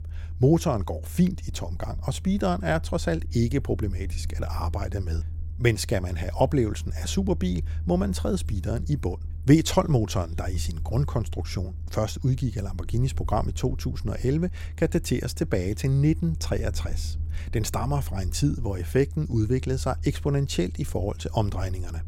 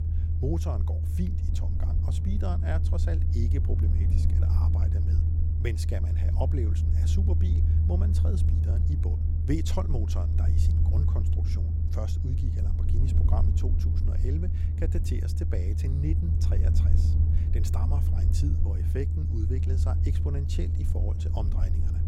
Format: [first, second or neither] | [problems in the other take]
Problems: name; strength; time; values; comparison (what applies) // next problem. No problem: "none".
first | low rumble; loud; throughout; 1 dB below the speech; faint in the first